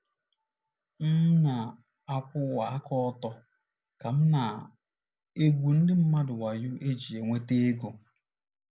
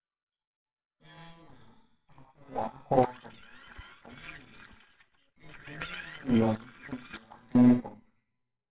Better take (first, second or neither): first